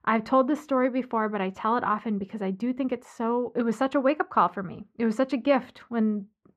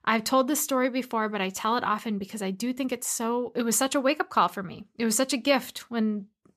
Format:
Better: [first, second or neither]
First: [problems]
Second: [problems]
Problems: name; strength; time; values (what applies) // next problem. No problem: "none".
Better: second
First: muffled; very; fading above 4 kHz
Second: none